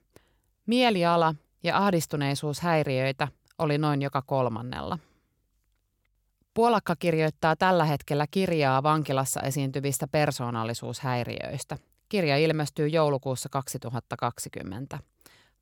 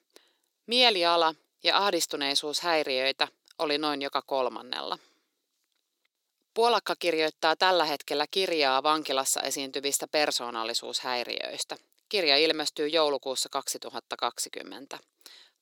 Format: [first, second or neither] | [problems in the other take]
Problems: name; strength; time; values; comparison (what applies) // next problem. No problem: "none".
first | thin; somewhat; fading below 350 Hz